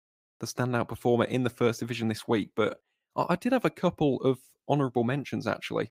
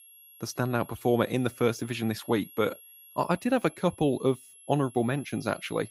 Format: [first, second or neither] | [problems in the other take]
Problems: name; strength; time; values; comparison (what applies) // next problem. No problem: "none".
first | high-pitched whine; faint; throughout; 11 kHz, 20 dB below the speech